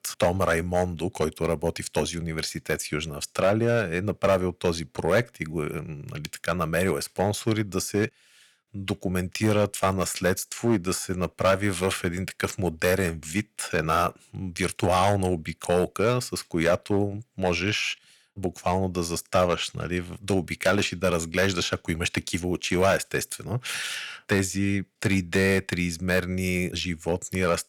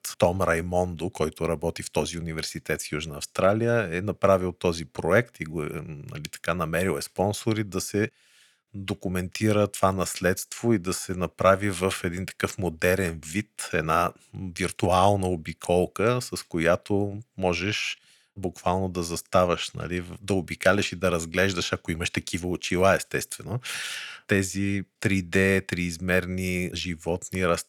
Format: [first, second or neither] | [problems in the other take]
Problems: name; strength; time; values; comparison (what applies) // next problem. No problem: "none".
second | distortion; slight; 3% of the sound clipped